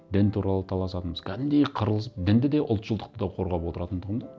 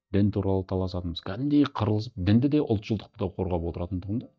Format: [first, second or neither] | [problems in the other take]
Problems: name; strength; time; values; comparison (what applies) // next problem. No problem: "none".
first | noise reduction (neural mask model DeepFilterNet 3)